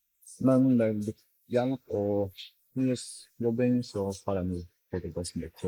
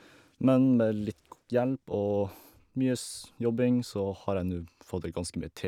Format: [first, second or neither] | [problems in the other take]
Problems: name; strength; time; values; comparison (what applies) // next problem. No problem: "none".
second | noise reduction (neural mask model Resemble Enhance denoiser)